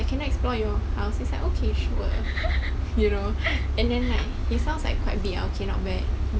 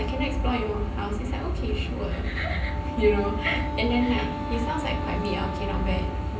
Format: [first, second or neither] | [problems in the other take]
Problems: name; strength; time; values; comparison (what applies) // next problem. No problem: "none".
first | background sound (Wind instrument, woodwind instrument); 11 dB below the speech // room echo; dies away in 0.6 s